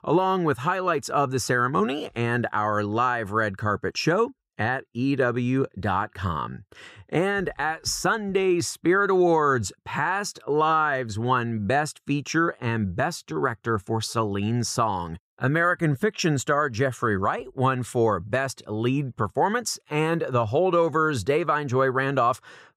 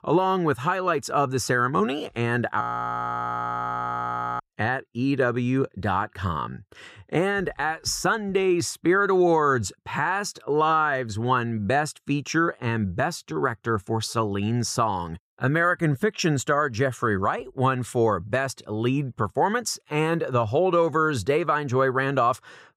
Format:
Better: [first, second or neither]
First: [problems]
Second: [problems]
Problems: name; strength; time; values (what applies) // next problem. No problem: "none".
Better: first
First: none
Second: audio freezing; at 2.5 s for 2 s